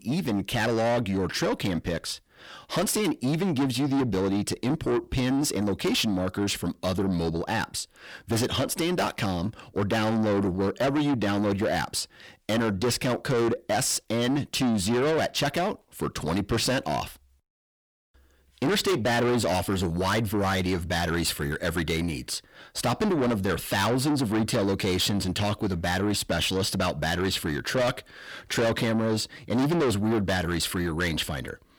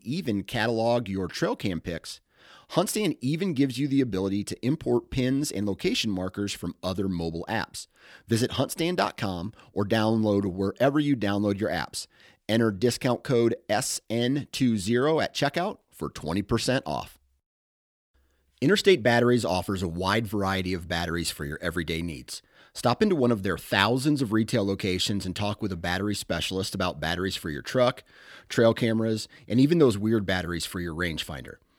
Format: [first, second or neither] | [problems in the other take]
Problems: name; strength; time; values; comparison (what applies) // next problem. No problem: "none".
second | distortion; heavy; 6 dB below the speech